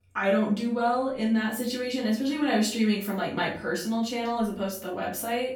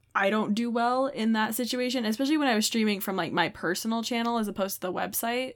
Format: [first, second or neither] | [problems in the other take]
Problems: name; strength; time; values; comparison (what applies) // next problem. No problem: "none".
second | off-mic speech; far // room echo; slight; dies away in 0.4 s